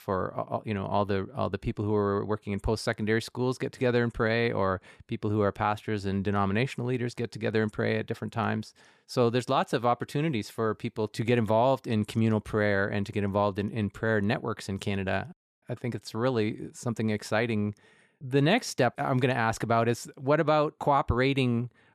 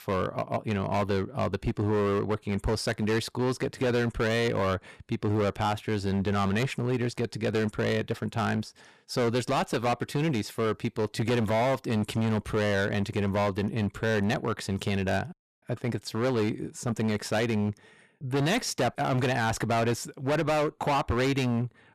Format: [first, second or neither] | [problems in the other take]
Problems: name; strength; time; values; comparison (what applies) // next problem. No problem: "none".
first | distortion; heavy; 16% of the sound clipped